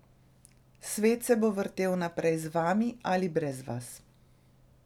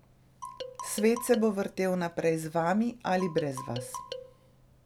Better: first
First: none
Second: background sound (Marimba, xylophone); 12 dB below the speech

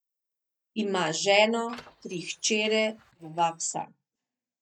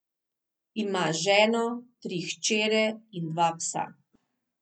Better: second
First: noise reduction (neural mask model DeepFilterNet 3)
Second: none

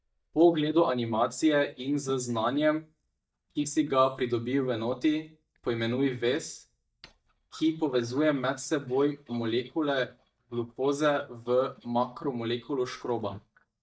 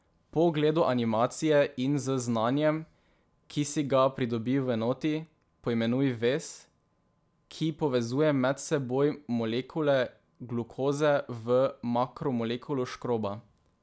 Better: second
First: noise reduction (neural mask model DeepFilterNet 3)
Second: none

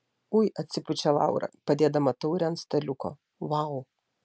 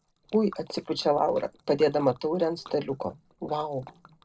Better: first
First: none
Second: noise reduction (neural separator model SepFormer DNS4)

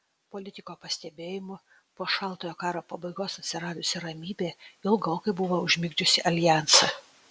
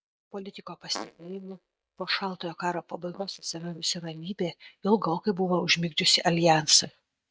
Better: first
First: none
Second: noise reduction (neural mask model DeepFilterNet 3)

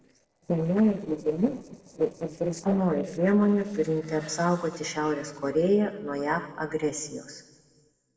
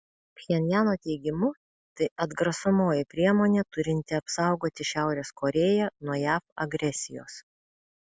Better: second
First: noise reduction (neural separator model SepFormer DNS4)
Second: none

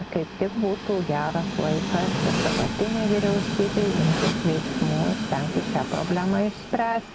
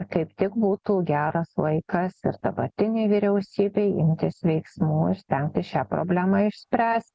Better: second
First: background sound (Train); 3 dB below the speech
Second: none

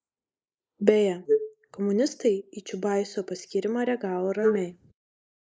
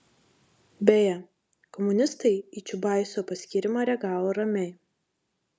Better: second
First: noise reduction (neural mask model Resemble Enhance denoiser)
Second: none

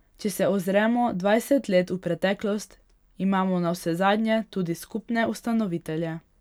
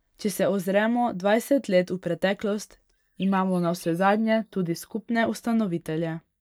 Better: first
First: none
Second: noise reduction (neural mask model DeepFilterNet 3)

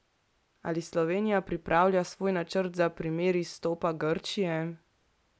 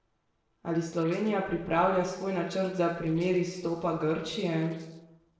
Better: first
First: none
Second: noise reduction (neural separator model SepFormer DNS4)

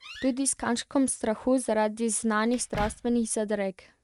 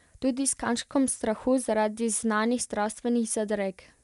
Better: second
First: noise reduction (neural mask model RNNoise)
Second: none

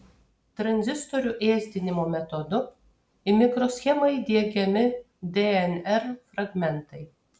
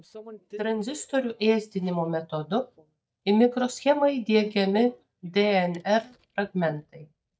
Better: first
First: none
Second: noise reduction (neural mask model DeepFilterNet 3)

